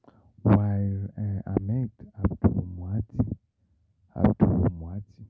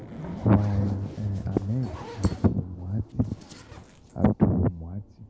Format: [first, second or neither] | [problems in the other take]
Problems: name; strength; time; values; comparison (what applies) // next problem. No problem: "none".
first | background sound (Zipper (clothing) + Thunder); 12 dB below the speech